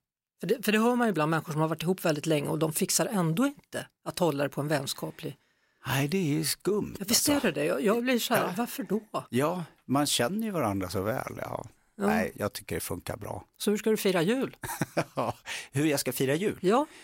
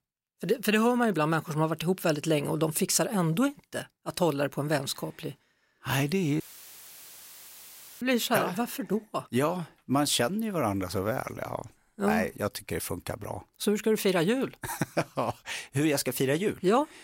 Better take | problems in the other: first | audio cutting out; filled with static; at 6.5 s for 1.5 s

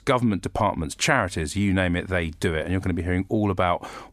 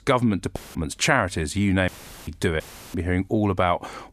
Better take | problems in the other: first | audio cutting out; filled with static; at 0.5 s, at 2 s and at 2.5 s

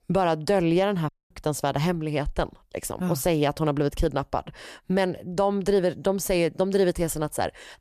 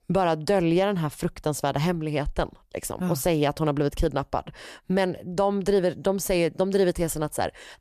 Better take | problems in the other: second | audio cutting out; at 1 s

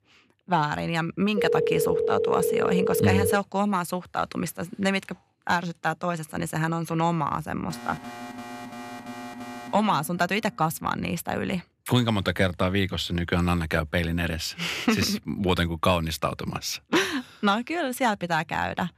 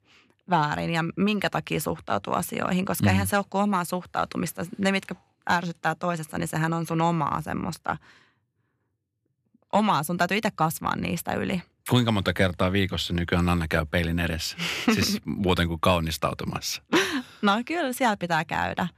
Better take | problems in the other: second | phone ringing; loud; from 1.5 to 3.5 s; peak 2 dB above the speech // alarm; faint; from 7.5 to 11 s; peak 10 dB below the speech

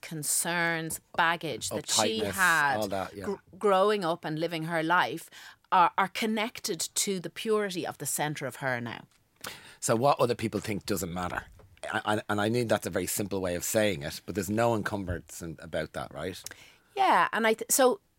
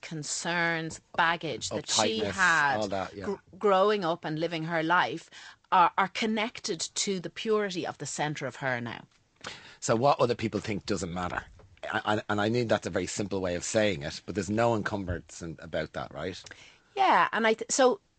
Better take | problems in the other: first | garbled, watery; slightly; nothing above 8 kHz

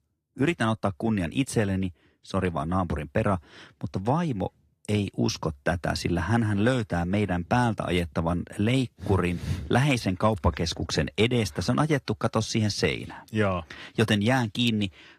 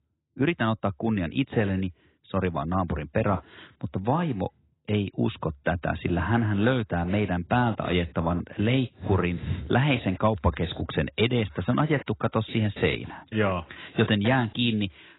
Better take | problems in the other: first | garbled, watery; badly; nothing above 4 kHz; slightly in the first

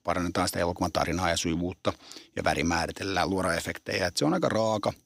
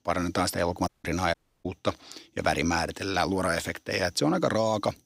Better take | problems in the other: first | audio cutting out; at 1 s and at 1.5 s

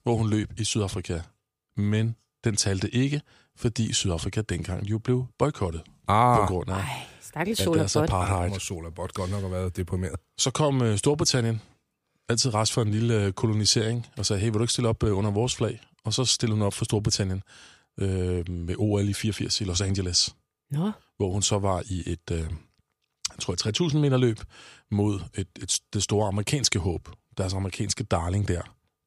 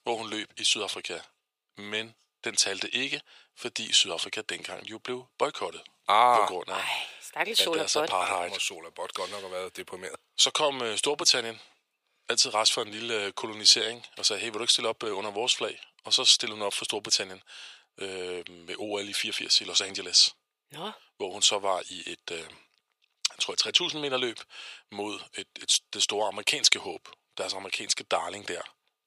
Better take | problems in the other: first | thin; very; fading below 600 Hz

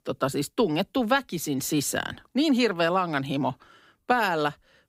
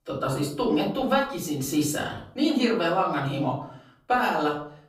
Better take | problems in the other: first | off-mic speech; far // room echo; slight; dies away in 0.5 s

